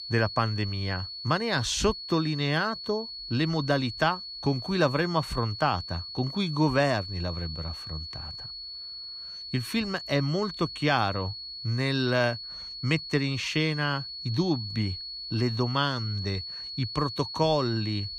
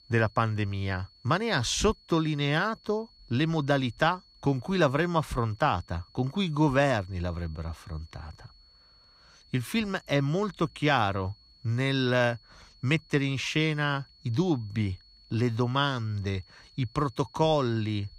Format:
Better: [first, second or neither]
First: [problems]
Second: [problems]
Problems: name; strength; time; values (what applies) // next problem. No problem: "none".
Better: second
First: high-pitched whine; loud; throughout; 4.5 kHz, 8 dB below the speech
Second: high-pitched whine; faint; throughout; 4.5 kHz, 30 dB below the speech